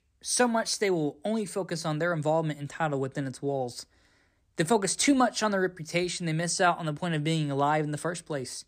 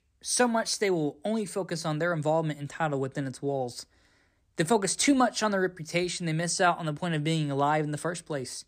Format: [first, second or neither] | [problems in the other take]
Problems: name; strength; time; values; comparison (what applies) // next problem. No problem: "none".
neither | none